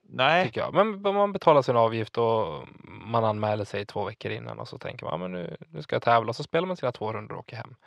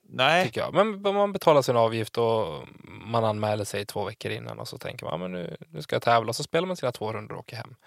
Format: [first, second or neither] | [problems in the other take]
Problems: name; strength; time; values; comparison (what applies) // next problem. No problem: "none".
second | muffled; very slightly; fading above 3.5 kHz